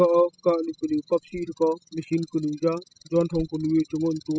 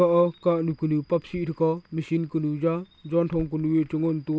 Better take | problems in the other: second | noise reduction (classical method spectral subtraction)

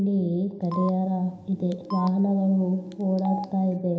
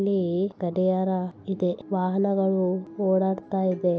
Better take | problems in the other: second | background sound (Telephone); 14 dB below the speech // room echo; dies away in 0.9 s

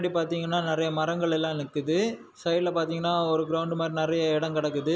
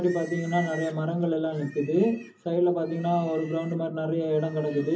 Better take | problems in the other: first | background sound (Livestock, farm animals, working animals); 20 dB below the speech // room echo; dies away in 0.3 s

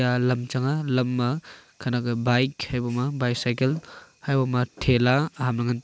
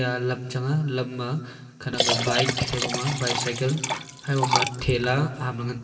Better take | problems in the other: first | background sound (Liquid); 1 dB below the speech // room echo; dies away in 2.8 s

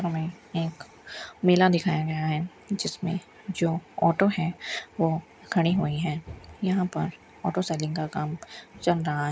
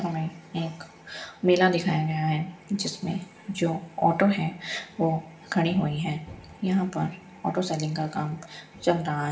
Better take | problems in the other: first | room echo; dies away in 1.6 s

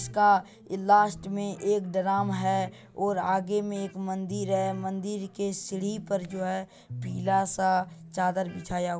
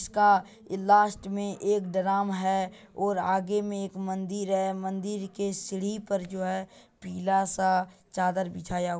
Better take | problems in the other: second | background sound (Electric guitar); 15 dB below the speech

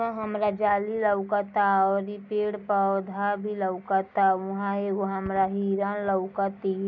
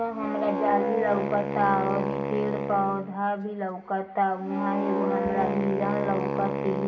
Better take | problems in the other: first | background sound (Wind instrument, woodwind instrument); 2 dB below the speech // room echo; dies away in 1 s

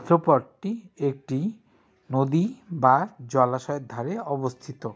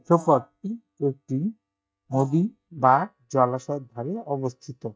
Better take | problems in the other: first | noise reduction (neural mask model DeepFilterNet 3)

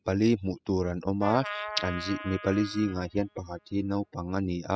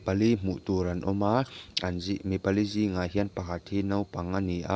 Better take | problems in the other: second | noise reduction (classical method spectral subtraction)

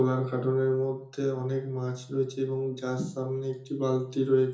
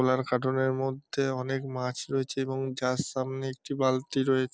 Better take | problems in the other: second | room echo; dies away in 0.6 s

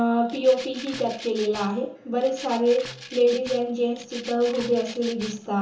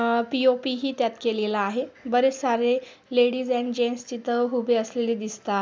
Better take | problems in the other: second | background sound (Rattle (instrument)); 16 dB below the speech // room echo; dies away in 0.8 s

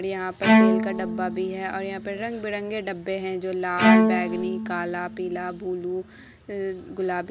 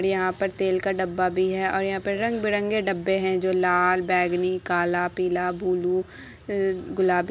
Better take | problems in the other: second | background sound (Bowed string instrument); 4 dB above the speech

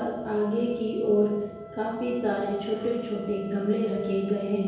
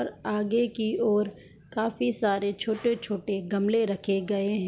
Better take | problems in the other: second | background sound (Wind instrument, woodwind instrument); 18 dB below the speech // room echo; dies away in 1.2 s

